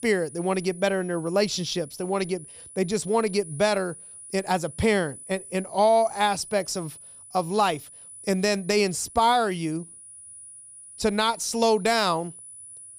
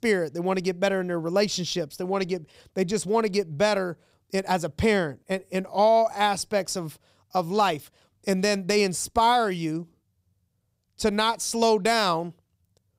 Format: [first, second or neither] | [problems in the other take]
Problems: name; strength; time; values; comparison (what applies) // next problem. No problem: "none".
second | high-pitched whine; noticeable; throughout; 10 kHz, 15 dB below the speech